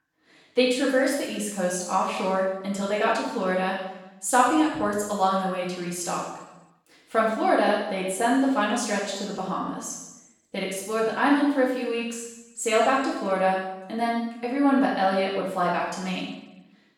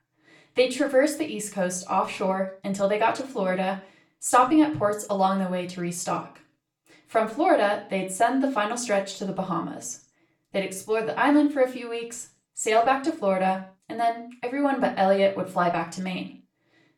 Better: second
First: room echo; strong; dies away in 0.9 s // off-mic speech; far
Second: room echo; slight; dies away in 0.3 s // off-mic speech; far

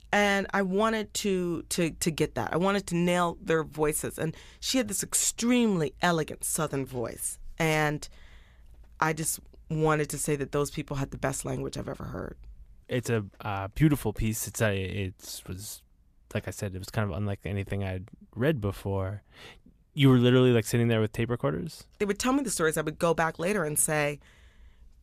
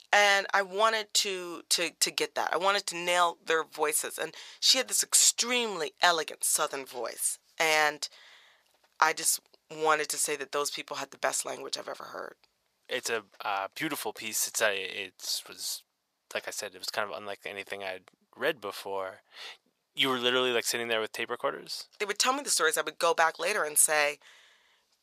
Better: first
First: none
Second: thin; very; fading below 700 Hz

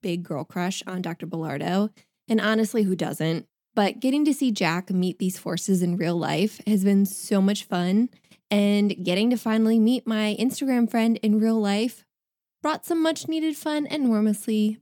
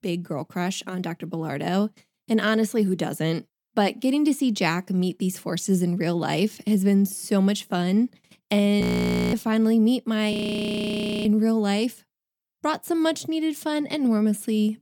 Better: first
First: none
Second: audio freezing; at 9 s for 0.5 s and at 10 s for 1 s

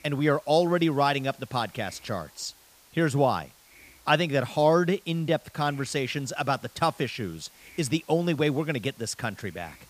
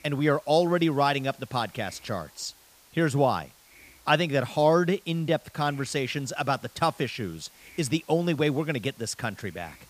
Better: neither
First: hiss; faint; throughout; 25 dB below the speech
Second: hiss; faint; throughout; 25 dB below the speech

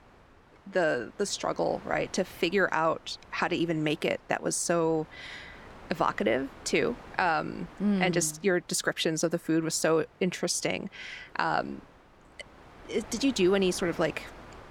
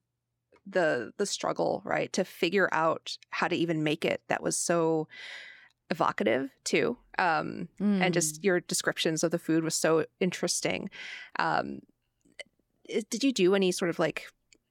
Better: second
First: wind noise on the microphone; occasional gusts; 20 dB below the speech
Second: none

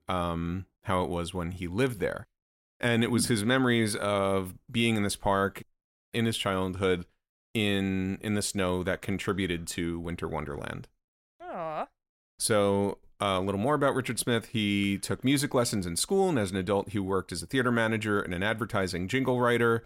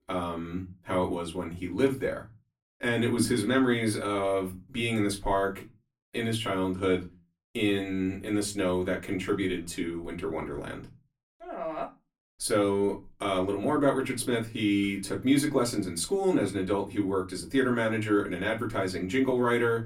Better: first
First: none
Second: off-mic speech; far // room echo; very slight; dies away in 0.2 s

